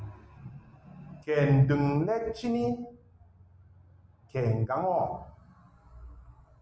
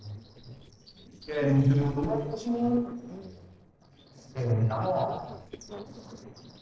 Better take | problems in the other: first | noise reduction (neural separator model SepFormer DNS4)

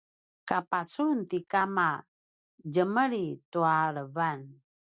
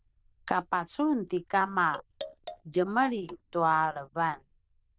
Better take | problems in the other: first | noise reduction (neural diffusion model UNIVERSE++)

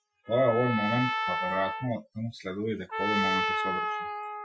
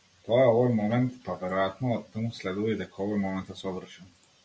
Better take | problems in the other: second | noise reduction (classical method Wiener filter)

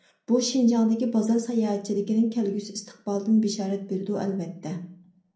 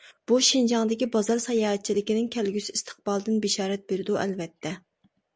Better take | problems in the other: second | room echo; dies away in 0.6 s

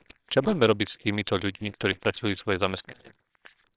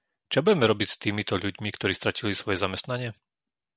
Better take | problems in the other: second | noise reduction (neural separator model SepFormer WHAMR!)

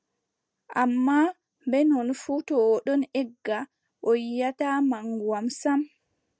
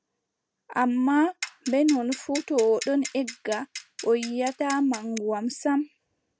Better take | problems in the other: first | background sound (Clock); 13 dB below the speech

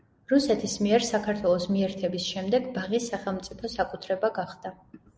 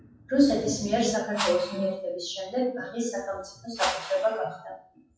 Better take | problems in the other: first | noise reduction (classical method WPE with log-MMSE)

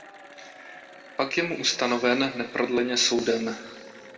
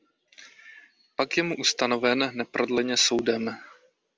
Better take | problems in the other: second | background sound (Applause / Cheering); 19 dB below the speech // room echo; dies away in 1.9 s

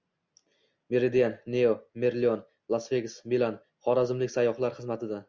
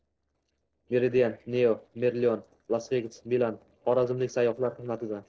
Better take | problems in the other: first | noise reduction (neural separator model SepFormer DNS4)

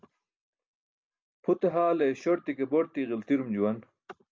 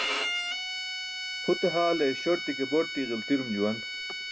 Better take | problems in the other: first | background sound (Bowed string instrument); 4 dB below the speech

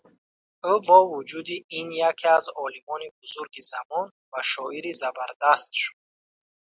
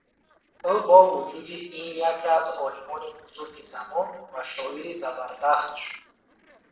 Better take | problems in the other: first | noise reduction (neural separator model SepFormer DNS4)

